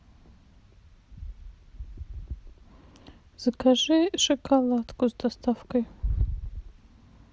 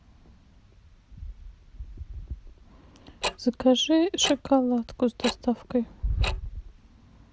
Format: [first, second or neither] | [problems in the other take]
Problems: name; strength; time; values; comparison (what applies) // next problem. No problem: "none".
first | background sound (Tick-tock); 10 dB below the speech